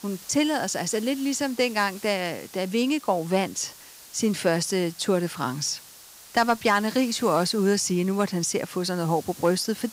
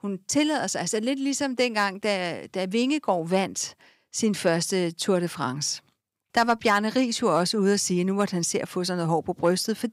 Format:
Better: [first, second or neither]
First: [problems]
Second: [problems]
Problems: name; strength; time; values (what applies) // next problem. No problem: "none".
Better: second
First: hiss; noticeable; throughout; 20 dB below the speech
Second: none